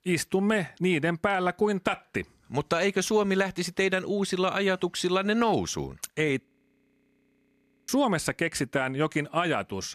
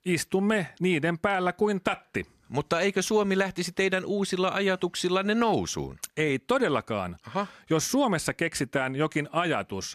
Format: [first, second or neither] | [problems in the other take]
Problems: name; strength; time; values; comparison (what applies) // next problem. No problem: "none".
second | audio freezing; at 6.5 s for 1.5 s